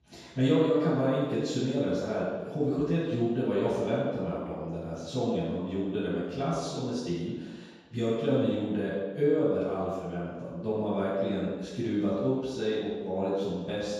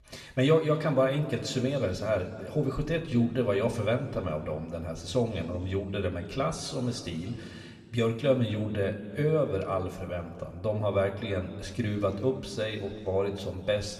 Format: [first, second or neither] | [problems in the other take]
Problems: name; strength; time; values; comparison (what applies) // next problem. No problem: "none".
second | room echo; strong; dies away in 1.2 s; slight in the second // off-mic speech; far